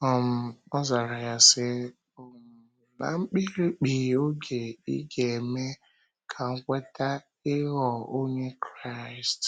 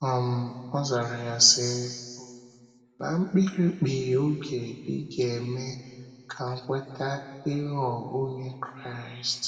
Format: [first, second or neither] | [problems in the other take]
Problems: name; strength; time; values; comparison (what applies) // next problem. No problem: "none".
first | room echo; dies away in 1.7 s